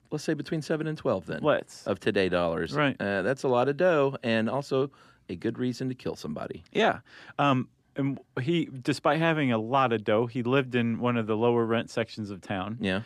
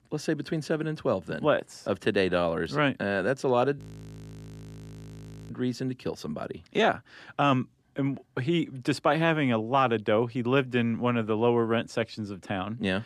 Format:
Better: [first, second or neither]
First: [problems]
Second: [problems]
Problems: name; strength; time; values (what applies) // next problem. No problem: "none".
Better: first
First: none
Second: audio freezing; at 4 s for 1.5 s